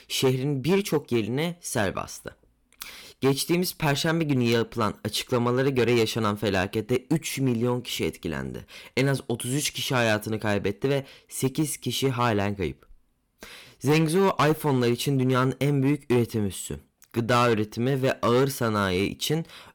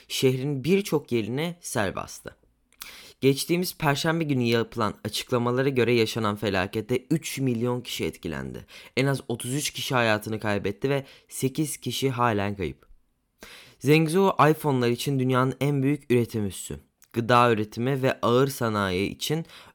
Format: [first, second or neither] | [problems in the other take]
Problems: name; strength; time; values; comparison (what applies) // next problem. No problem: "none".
second | distortion; slight; 4% of the sound clipped